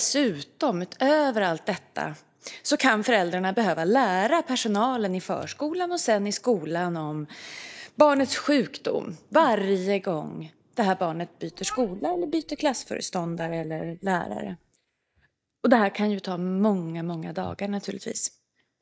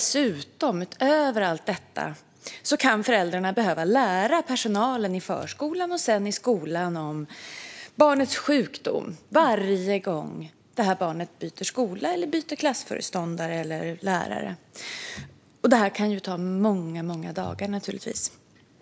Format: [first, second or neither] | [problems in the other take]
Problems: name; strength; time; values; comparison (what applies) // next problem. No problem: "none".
second | noise reduction (neural mask model DeepFilterNet 3)